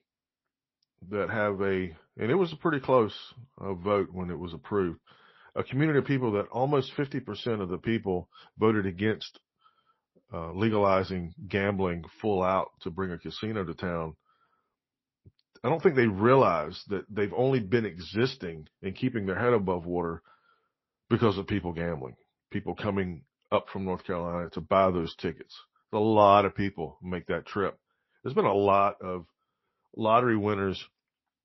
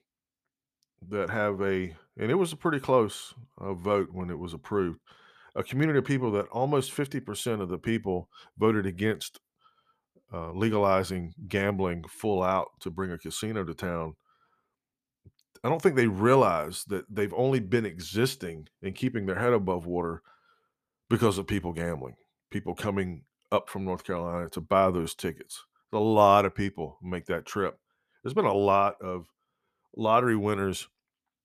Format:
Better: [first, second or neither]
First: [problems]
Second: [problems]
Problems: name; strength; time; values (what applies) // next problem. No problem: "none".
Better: second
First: garbled, watery; slightly; nothing above 5.5 kHz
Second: none